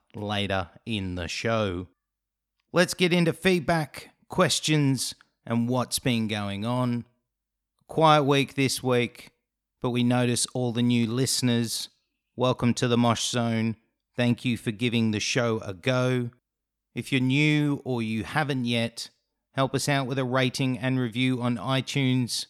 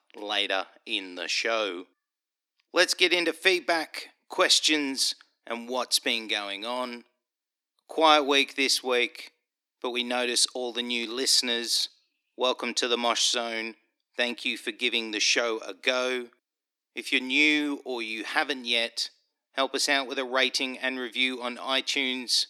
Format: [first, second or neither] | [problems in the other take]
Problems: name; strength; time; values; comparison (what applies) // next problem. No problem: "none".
first | thin; somewhat; fading below 300 Hz